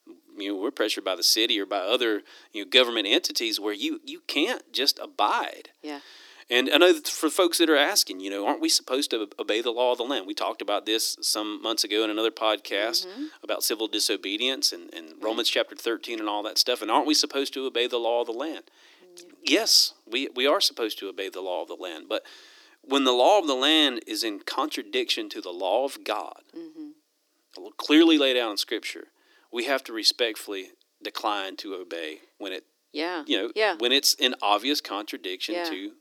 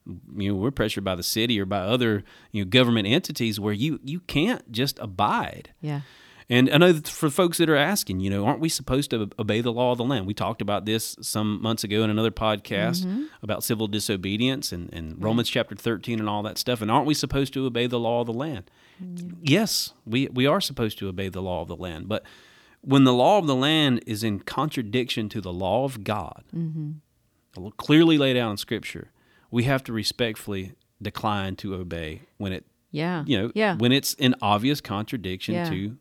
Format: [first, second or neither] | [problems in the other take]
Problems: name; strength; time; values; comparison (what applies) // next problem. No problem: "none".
second | thin; somewhat; fading below 300 Hz